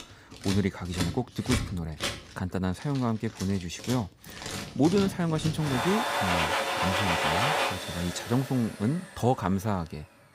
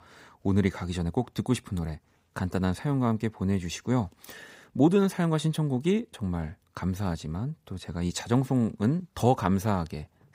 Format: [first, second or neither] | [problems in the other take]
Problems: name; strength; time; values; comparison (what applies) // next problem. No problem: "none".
second | household noises; loud; throughout; 1 dB below the speech